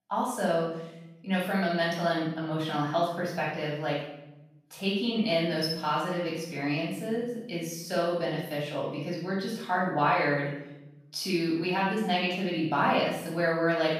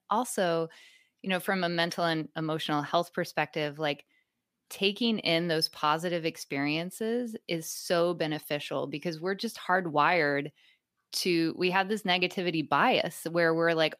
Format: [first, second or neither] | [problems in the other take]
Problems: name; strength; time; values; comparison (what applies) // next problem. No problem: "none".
second | off-mic speech; far // room echo; noticeable; dies away in 1 s